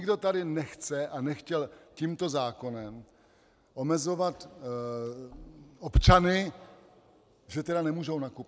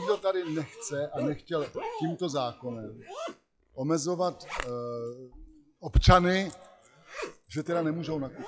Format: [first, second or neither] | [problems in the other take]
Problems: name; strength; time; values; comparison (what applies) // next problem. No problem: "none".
first | noise reduction (classical method log-MMSE)